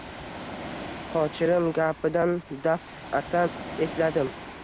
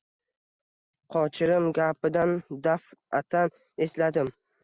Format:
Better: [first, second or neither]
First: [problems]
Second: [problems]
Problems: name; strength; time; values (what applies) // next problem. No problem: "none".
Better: second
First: background sound (Ocean); 11 dB below the speech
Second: none